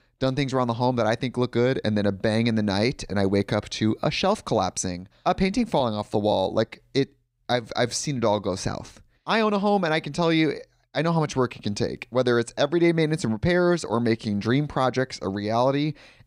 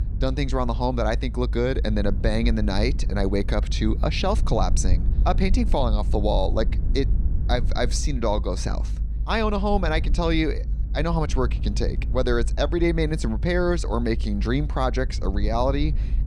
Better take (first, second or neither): first